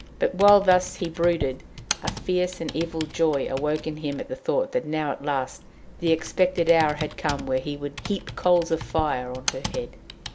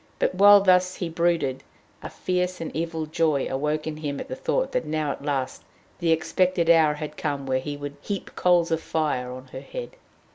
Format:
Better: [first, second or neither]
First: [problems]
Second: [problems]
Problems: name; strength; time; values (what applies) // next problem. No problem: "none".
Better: second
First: background sound (Computer keyboard); 12 dB below the speech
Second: none